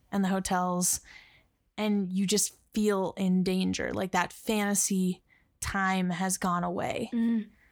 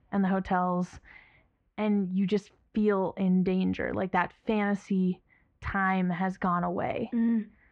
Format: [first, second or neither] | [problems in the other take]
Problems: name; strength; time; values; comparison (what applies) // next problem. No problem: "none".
first | muffled; very; fading above 2.5 kHz